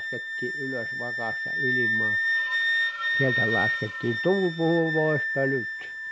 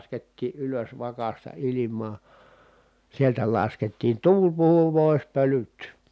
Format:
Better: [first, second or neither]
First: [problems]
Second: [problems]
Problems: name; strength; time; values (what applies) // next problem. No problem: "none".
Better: second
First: background sound (Wind instrument, woodwind instrument); 1 dB above the speech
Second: none